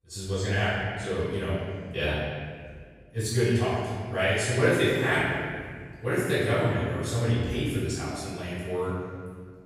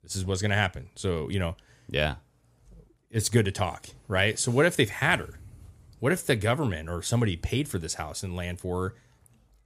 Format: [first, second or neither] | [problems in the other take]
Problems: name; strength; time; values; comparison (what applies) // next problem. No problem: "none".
second | off-mic speech; far // room echo; strong; dies away in 1.8 s